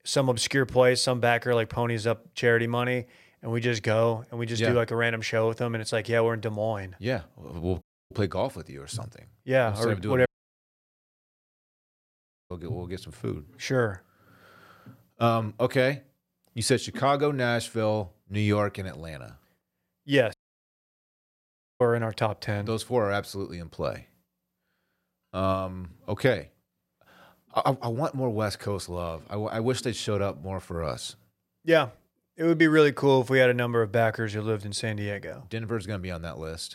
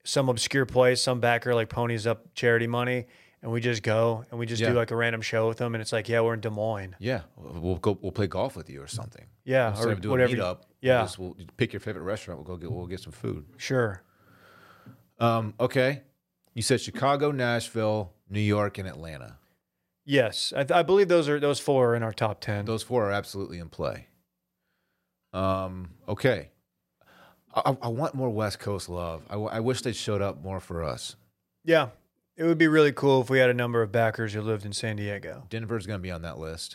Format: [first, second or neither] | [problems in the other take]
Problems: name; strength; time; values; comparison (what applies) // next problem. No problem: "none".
second | audio cutting out; at 8 s, at 10 s for 2 s and at 20 s for 1.5 s